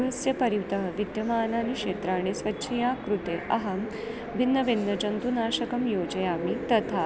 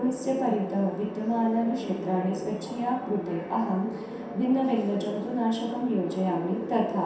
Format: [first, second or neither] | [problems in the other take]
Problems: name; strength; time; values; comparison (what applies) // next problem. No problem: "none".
first | room echo; dies away in 0.7 s